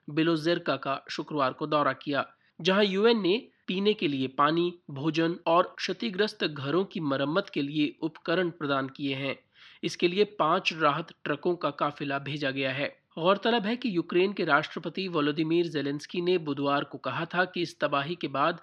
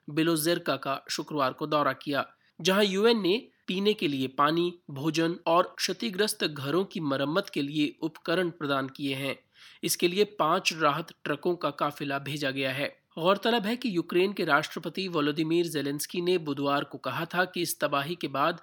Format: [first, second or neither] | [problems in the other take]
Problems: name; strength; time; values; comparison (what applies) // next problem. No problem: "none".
second | muffled; very slightly; fading above 4 kHz